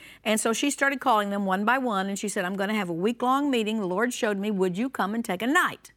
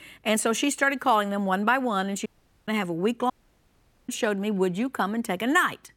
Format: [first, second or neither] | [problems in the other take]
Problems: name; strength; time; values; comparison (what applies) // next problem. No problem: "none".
first | audio cutting out; at 2.5 s and at 3.5 s for 1 s